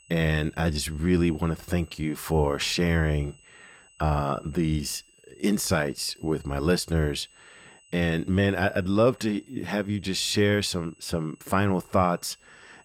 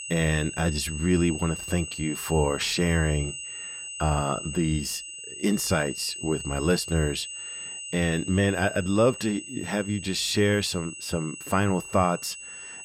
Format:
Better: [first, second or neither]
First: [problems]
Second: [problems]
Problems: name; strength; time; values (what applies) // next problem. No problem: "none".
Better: first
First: high-pitched whine; faint; throughout; 3 kHz, 30 dB below the speech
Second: high-pitched whine; loud; throughout; 3 kHz, 9 dB below the speech